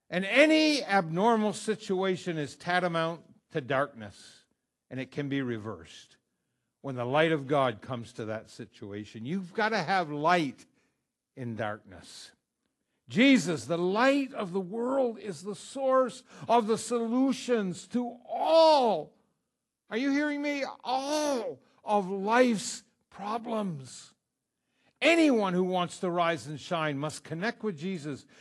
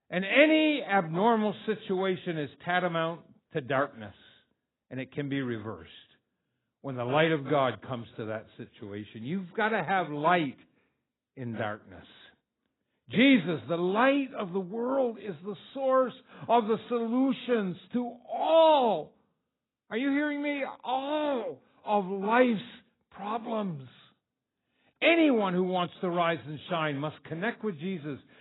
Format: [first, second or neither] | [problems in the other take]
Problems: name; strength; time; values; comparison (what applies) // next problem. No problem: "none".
first | garbled, watery; badly; nothing above 4 kHz; slightly in the first